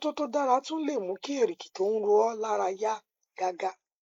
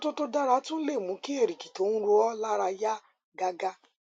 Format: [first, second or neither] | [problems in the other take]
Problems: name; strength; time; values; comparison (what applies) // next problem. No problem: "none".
second | noise reduction (neural mask model Resemble Enhance denoiser)